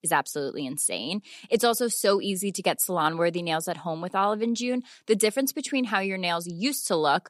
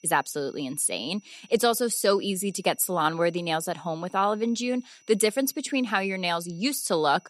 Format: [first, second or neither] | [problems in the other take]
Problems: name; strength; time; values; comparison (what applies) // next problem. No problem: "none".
first | high-pitched whine; faint; throughout; 6 kHz, 30 dB below the speech